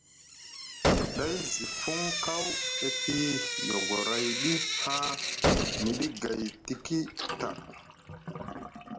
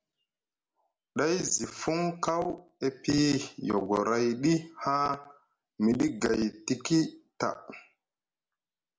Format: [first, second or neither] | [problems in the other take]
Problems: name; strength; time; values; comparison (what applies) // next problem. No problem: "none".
second | background sound (Gunshot, gunfire + Drip / Sink (filling or washing)); 3 dB above the speech